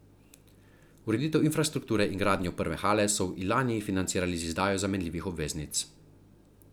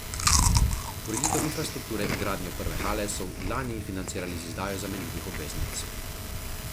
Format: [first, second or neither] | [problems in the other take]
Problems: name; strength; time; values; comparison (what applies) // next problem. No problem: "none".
first | background sound (Chewing, mastication); 5 dB above the speech